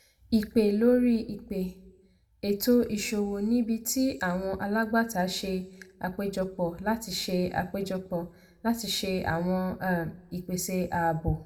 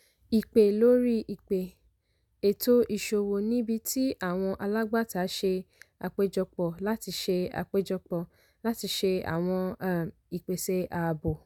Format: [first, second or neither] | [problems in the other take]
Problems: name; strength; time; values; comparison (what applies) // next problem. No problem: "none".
second | room echo; dies away in 0.4 s